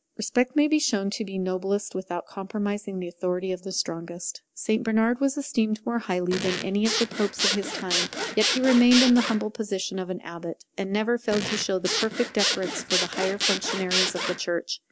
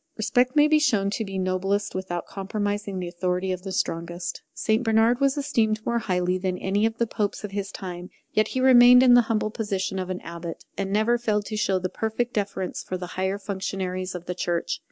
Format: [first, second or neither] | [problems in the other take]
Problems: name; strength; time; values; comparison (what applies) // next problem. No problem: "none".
second | background sound (Zipper (clothing) / Sawing); 2 dB below the speech